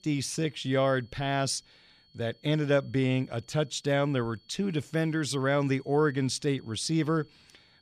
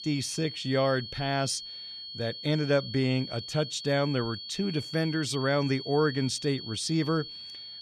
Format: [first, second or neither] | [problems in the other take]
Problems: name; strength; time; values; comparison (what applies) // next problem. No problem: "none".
first | high-pitched whine; loud; throughout; 4.5 kHz, 9 dB below the speech; faint in the first